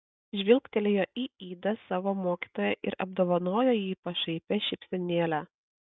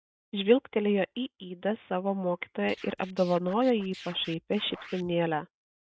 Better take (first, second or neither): first